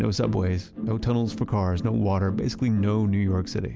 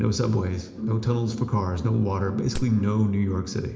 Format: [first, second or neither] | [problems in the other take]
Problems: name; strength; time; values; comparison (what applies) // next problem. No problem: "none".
first | background sound (Wood); 10 dB below the speech // room echo; dies away in 0.8 s